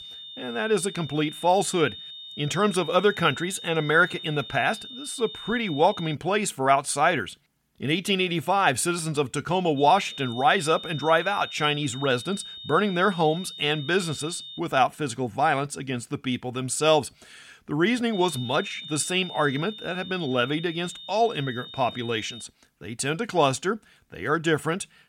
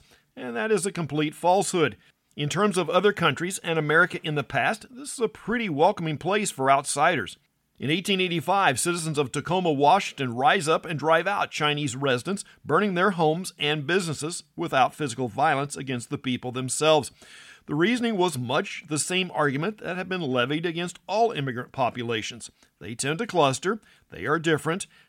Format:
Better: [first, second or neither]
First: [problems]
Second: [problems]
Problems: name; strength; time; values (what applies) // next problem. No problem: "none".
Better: second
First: high-pitched whine; noticeable; until 6 s, from 10 to 15 s and from 18 to 22 s; 3.5 kHz, 15 dB below the speech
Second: none